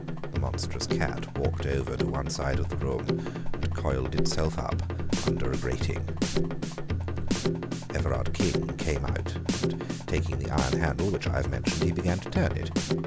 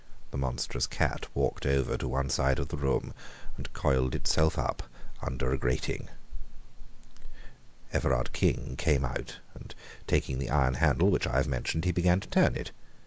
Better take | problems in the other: second | background sound (Drum kit); as loud as the speech

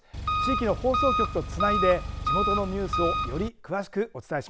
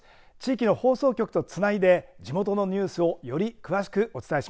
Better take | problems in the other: second | background sound (Engine); 1 dB above the speech

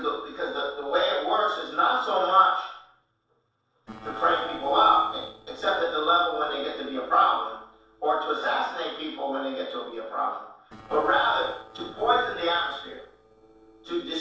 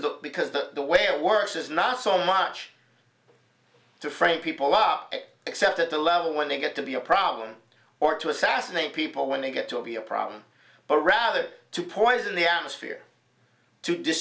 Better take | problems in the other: second | noise reduction (neural separator model SepFormer DNS4)

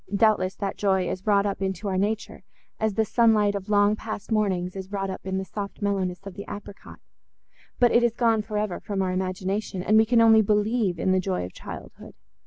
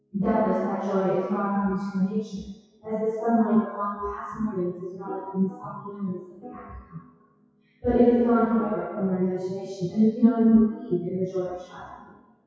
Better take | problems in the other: first | noise reduction (classical method WPE with log-MMSE)

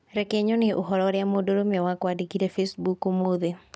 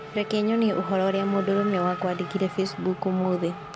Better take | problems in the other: first | background sound (Race car, auto racing / Accelerating, revving, vroom); 10 dB below the speech

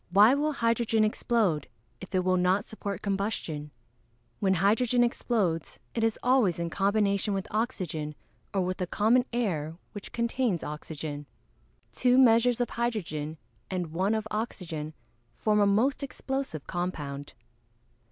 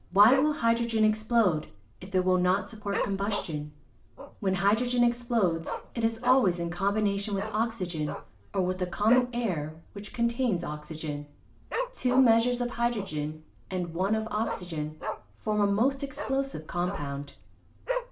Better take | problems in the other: first | background sound (Dog); 11 dB below the speech // room echo; dies away in 0.4 s

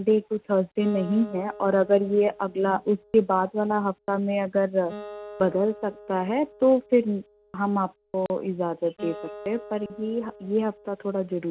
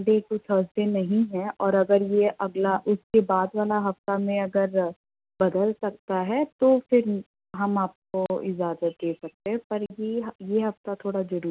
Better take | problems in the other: second | background sound (Acoustic guitar); 19 dB below the speech

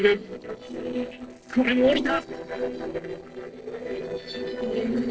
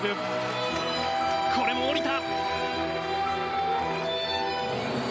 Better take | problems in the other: second | noise reduction (neural separator model SepFormer DNS4)

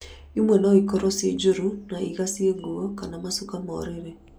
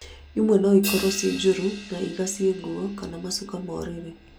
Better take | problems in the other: first | background sound (Crash cymbal); 14 dB below the speech

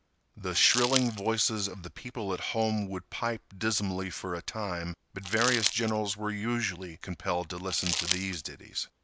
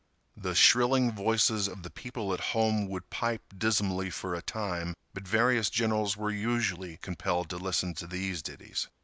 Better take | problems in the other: second | background sound (Crumpling, crinkling); 2 dB below the speech

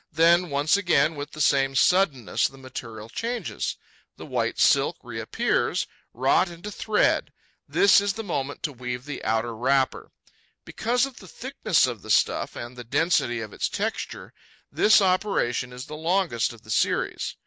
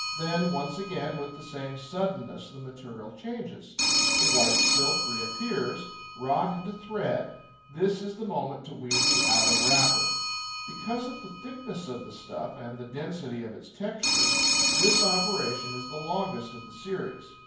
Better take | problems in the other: first | background sound (Telephone); 3 dB above the speech // room echo; dies away in 0.9 s

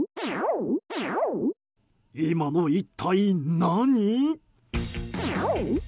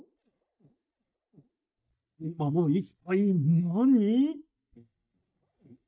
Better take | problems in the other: first | noise reduction (neural mask model DeepFilterNet 3)

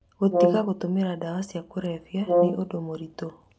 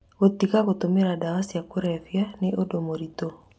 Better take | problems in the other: second | background sound (Brass instrument); 2 dB above the speech

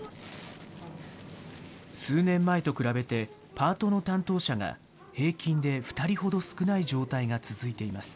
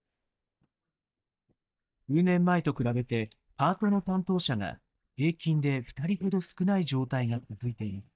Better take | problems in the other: first | noise reduction (neural mask model DeepFilterNet 3)

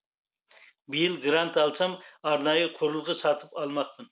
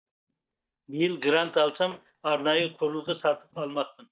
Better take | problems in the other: first | noise reduction (neural mask model DeepFilterNet 3)

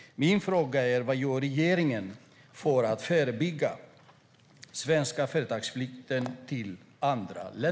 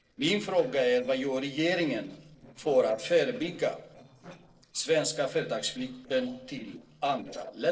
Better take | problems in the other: first | noise reduction (neural separator model SepFormer DNS4)

